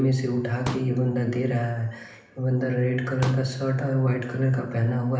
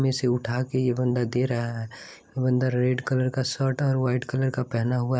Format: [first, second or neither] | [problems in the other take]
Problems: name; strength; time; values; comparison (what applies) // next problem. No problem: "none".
second | background sound (Explosion); 13 dB below the speech // room echo; dies away in 0.8 s